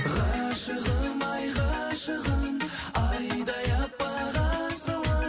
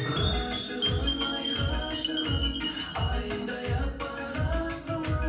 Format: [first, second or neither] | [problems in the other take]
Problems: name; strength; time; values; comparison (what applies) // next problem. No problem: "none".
first | background sound (Chime); 6 dB below the speech // room echo; dies away in 0.6 s